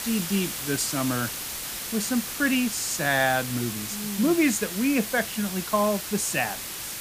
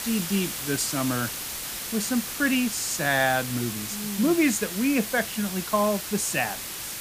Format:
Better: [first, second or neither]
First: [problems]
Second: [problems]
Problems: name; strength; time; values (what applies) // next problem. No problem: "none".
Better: neither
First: hiss; loud; throughout; 5 dB below the speech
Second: hiss; loud; throughout; 5 dB below the speech